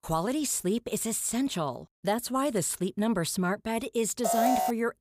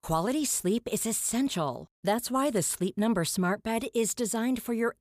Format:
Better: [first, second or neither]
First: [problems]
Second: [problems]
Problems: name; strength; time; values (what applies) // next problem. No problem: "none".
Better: second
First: alarm; loud; at 4 s; peak 4 dB above the speech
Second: none